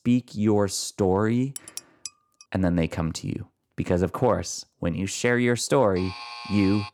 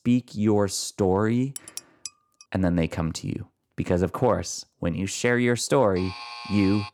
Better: neither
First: clattering dishes; faint; at 1.5 s; peak 10 dB below the speech // alarm; faint; at 6 s; peak 10 dB below the speech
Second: clattering dishes; faint; at 1.5 s; peak 10 dB below the speech // alarm; faint; at 6 s; peak 10 dB below the speech

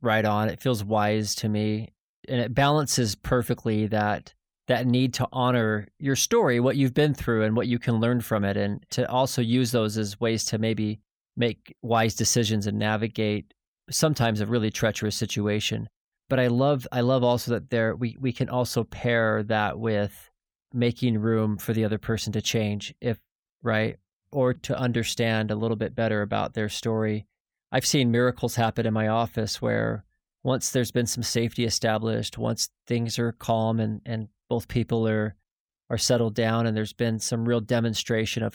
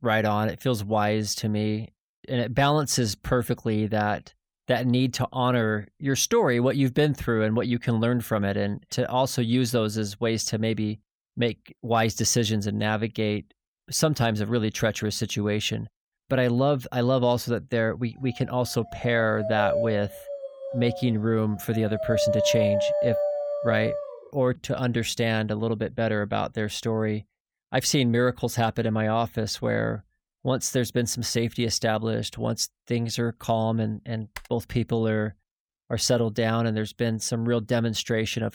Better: first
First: none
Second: dog barking; loud; from 19 to 24 s; peak 2 dB above the speech // keyboard typing; faint; at 34 s; peak 15 dB below the speech

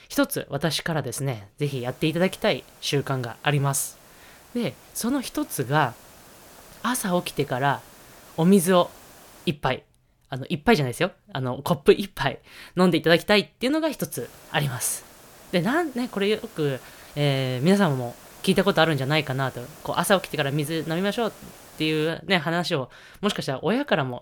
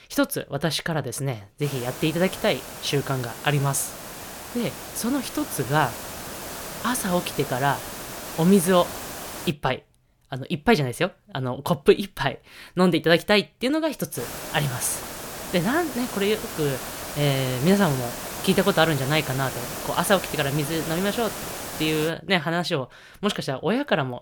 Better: first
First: hiss; faint; from 1.5 to 9.5 s and from 14 to 22 s; 20 dB below the speech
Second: hiss; loud; from 1.5 to 9.5 s and from 14 to 22 s; 9 dB below the speech

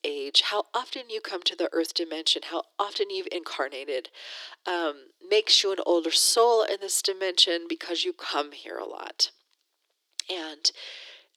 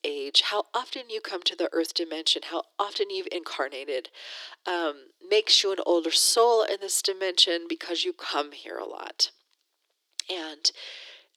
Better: neither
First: thin; very; fading below 350 Hz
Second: thin; very; fading below 350 Hz

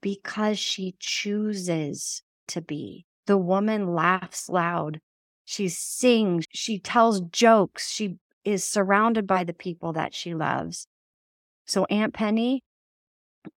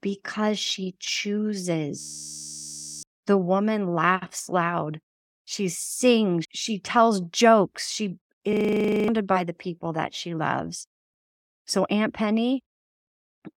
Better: first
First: none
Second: audio freezing; at 2 s for 1 s and at 8.5 s for 0.5 s

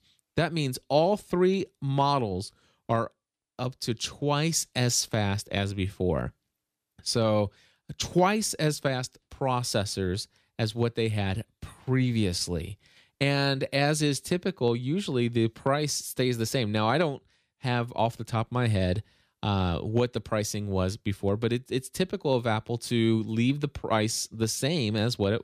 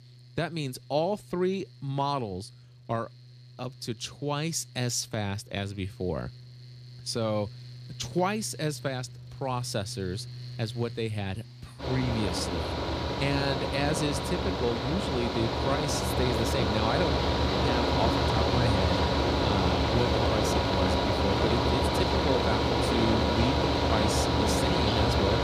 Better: first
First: none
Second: machinery noise; very loud; throughout; 5 dB above the speech

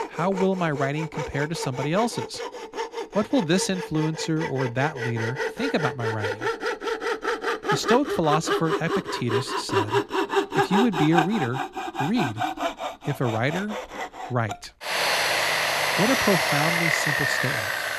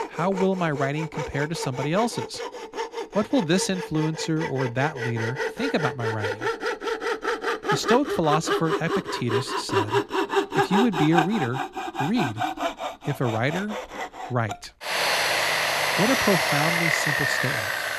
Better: neither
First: machinery noise; loud; throughout; as loud as the speech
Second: machinery noise; loud; throughout; as loud as the speech

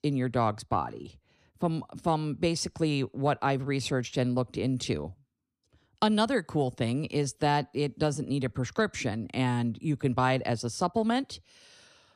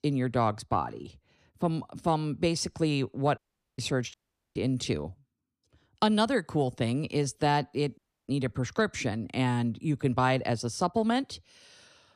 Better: first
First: none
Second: audio cutting out; at 3.5 s, at 4 s and at 8 s

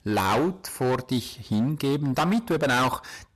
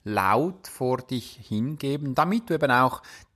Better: second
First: distortion; heavy; 17% of the sound clipped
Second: none

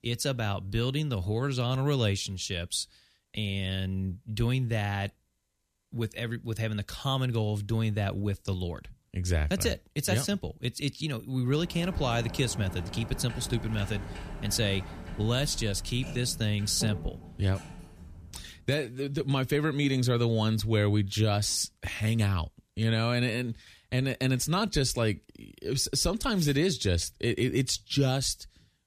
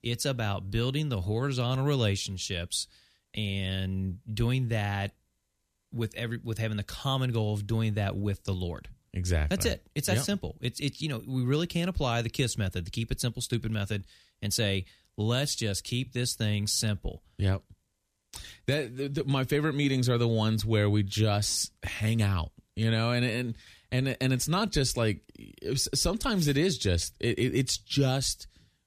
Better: second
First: door banging; noticeable; from 12 to 19 s; peak 9 dB below the speech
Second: none

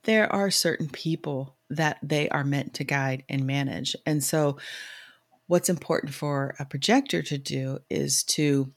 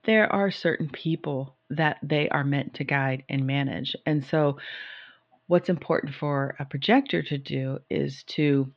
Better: first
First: none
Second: muffled; very; fading above 3.5 kHz

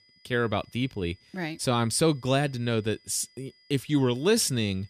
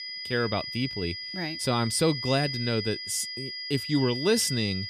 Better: first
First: high-pitched whine; faint; throughout; 5 kHz, 30 dB below the speech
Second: high-pitched whine; loud; throughout; 5 kHz, 5 dB below the speech

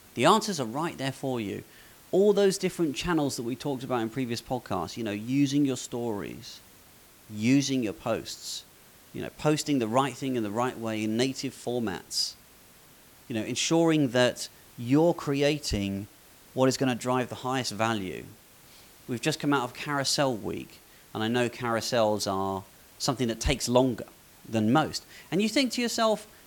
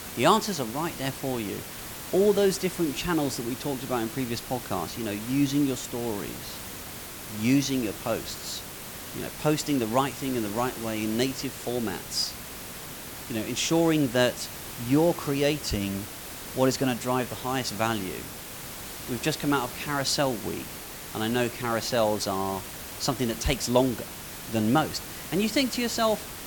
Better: first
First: hiss; faint; throughout; 25 dB below the speech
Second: hiss; loud; throughout; 10 dB below the speech

